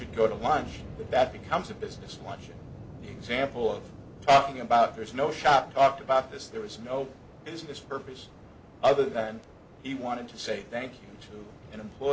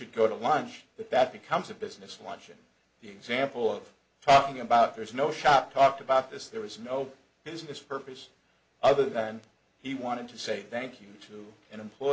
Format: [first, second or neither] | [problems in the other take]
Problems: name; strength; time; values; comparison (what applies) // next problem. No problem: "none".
second | background sound (Waves, surf); 17 dB below the speech